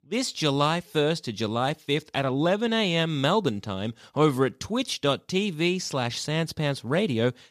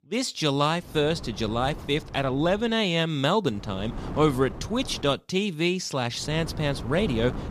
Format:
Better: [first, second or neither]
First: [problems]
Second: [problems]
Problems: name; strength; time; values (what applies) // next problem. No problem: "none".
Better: first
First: none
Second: wind noise on the microphone; occasional gusts; from 1 to 2.5 s, from 3.5 to 5 s and from 6 s on; 15 dB below the speech